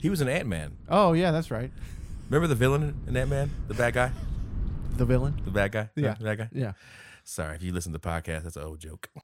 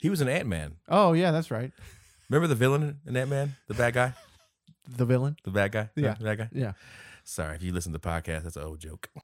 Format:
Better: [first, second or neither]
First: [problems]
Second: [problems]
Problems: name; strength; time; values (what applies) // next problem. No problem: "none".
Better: second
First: wind noise on the microphone; occasional gusts; until 5.5 s; 20 dB below the speech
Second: none